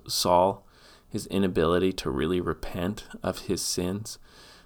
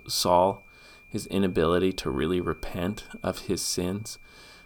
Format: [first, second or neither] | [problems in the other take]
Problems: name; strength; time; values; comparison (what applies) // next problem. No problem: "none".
first | high-pitched whine; faint; throughout; 2.5 kHz, 25 dB below the speech